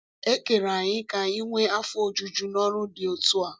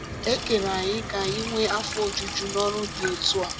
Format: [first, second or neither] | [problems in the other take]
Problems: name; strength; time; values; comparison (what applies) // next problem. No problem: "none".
first | background sound (Sink (filling or washing) / Water tap, faucet); 6 dB below the speech